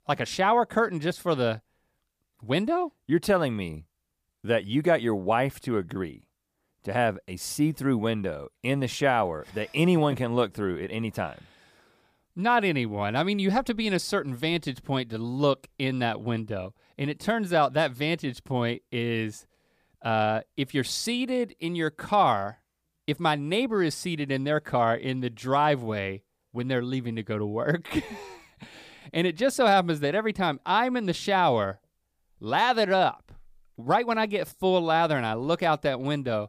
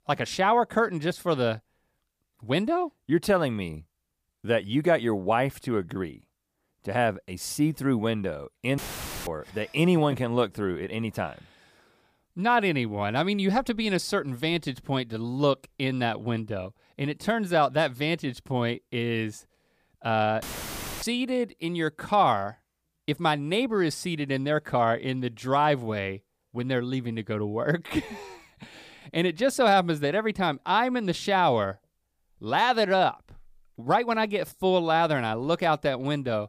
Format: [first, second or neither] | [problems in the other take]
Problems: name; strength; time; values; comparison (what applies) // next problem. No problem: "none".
first | audio cutting out; filled with static; at 9 s and at 20 s for 0.5 s